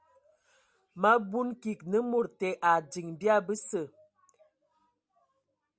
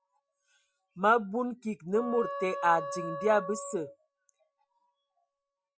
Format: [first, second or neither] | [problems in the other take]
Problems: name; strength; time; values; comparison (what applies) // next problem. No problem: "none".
first | noise reduction (classical method Wiener filter)